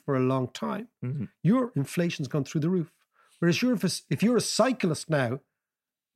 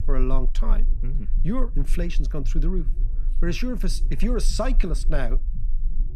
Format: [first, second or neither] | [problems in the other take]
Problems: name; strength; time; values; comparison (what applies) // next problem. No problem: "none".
first | low rumble; noticeable; throughout; 20 dB below the speech